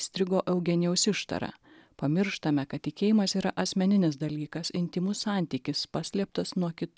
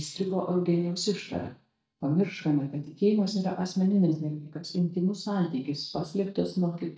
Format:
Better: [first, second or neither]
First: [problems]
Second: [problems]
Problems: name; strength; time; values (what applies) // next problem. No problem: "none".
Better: first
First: none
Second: noise reduction (neural mask model DeepFilterNet 3)